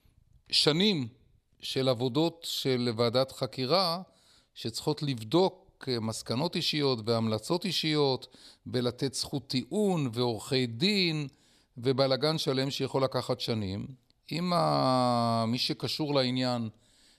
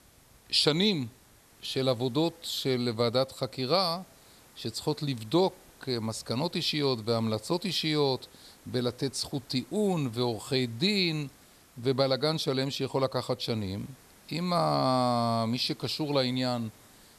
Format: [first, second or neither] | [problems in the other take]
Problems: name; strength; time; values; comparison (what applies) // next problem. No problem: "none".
first | hiss; faint; throughout; 25 dB below the speech